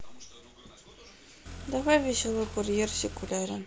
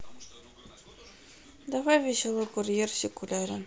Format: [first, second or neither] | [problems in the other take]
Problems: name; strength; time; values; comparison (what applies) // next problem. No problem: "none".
second | background sound (Car); 10 dB below the speech